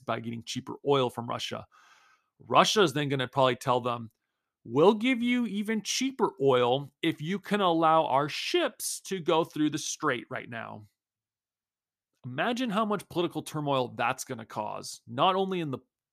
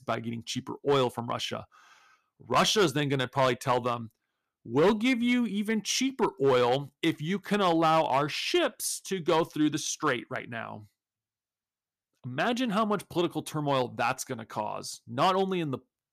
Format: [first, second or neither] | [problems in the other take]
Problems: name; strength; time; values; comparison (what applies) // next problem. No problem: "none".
first | distortion; slight; 3% of the sound clipped